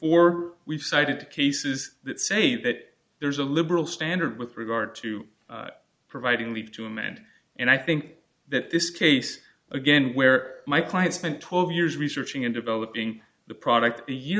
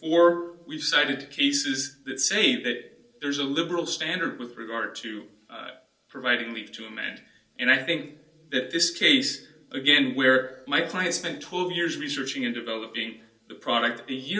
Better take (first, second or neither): first